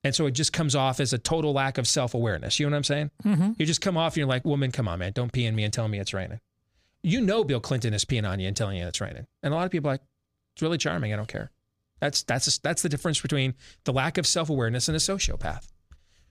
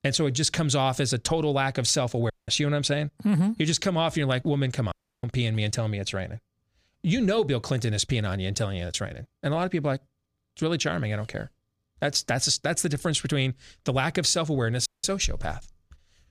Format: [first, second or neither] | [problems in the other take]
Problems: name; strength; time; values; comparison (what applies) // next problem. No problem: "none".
first | audio cutting out; at 2.5 s, at 5 s and at 15 s